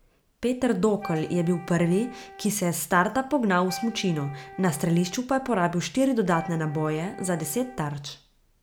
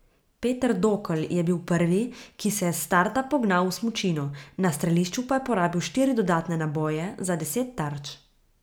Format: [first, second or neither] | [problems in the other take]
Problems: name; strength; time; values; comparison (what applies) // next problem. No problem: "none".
second | background sound (Wind instrument, woodwind instrument); 18 dB below the speech